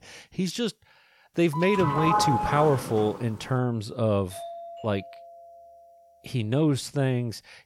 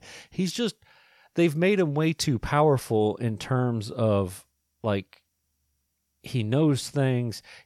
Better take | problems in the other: second | doorbell; loud; from 1.5 to 3 s; peak 3 dB above the speech // doorbell; faint; from 4.5 to 6 s; peak 10 dB below the speech

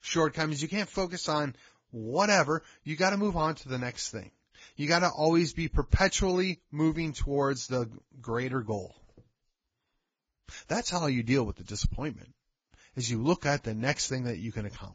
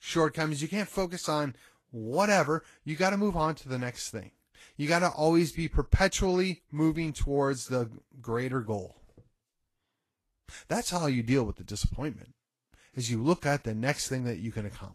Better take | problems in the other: second | garbled, watery; badly; nothing above 7.5 kHz; slightly in the second

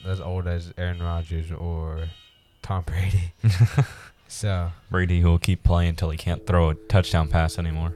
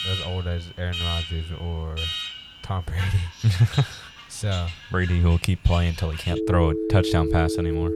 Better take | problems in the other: first | alarms or sirens; loud; throughout; 6 dB below the speech; faint in the first

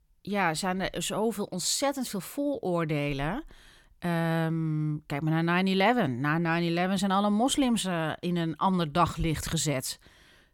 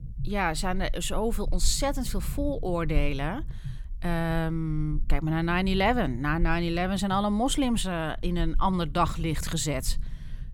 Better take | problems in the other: first | low rumble; faint; throughout; 25 dB below the speech

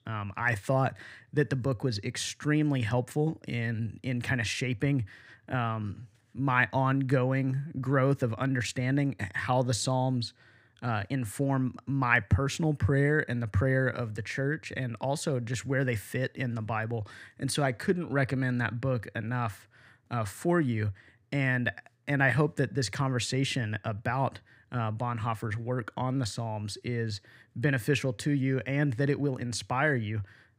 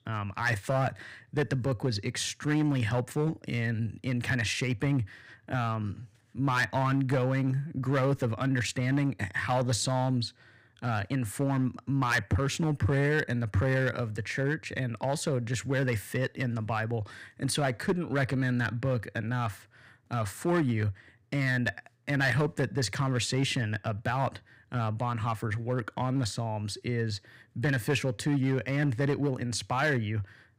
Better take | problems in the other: first | distortion; slight; 5% of the sound clipped

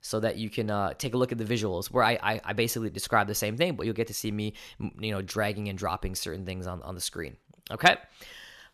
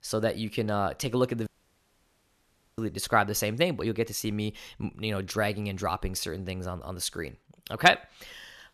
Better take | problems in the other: first | audio cutting out; at 1.5 s for 1.5 s

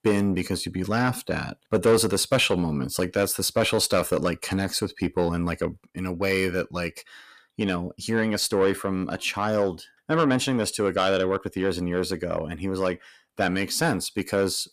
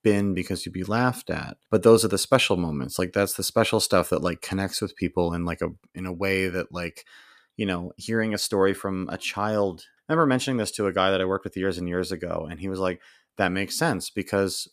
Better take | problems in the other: second | distortion; slight; 10 dB below the speech

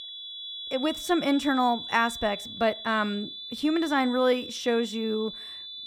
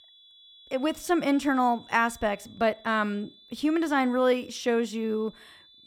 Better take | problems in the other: second | high-pitched whine; loud; throughout; 3.5 kHz, 9 dB below the speech; faint in the second

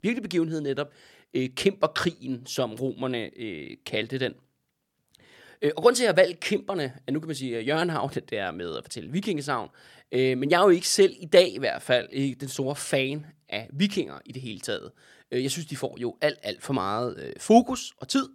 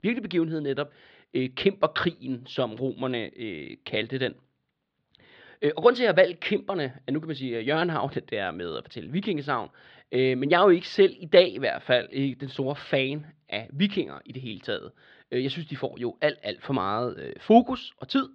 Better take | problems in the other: first | muffled; slightly; fading above 4 kHz

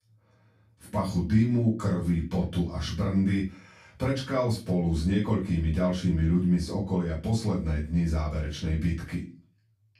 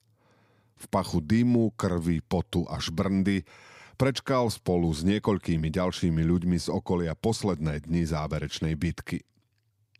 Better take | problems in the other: second | off-mic speech; far // room echo; slight; dies away in 0.3 s

